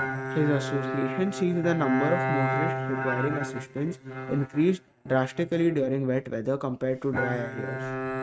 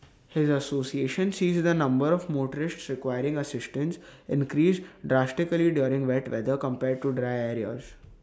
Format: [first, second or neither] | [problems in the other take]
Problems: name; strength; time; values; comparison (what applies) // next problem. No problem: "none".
second | noise reduction (neural mask model RNNoise)